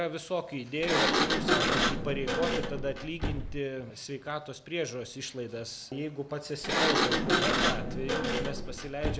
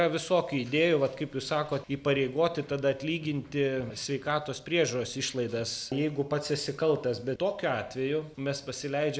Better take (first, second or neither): second